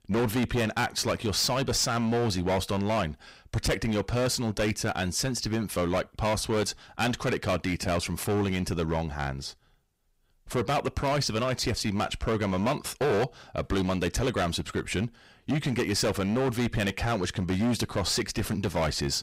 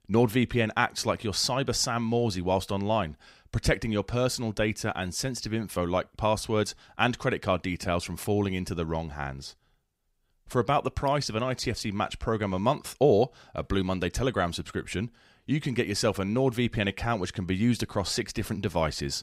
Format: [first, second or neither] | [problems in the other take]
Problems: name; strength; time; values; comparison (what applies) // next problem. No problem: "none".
second | distortion; heavy; 16% of the sound clipped